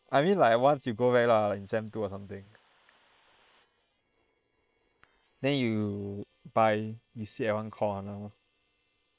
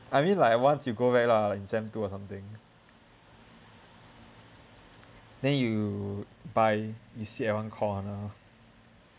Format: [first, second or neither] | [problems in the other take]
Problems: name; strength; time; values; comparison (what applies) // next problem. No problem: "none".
second | noise reduction (neural separator model SepFormer WHAM!)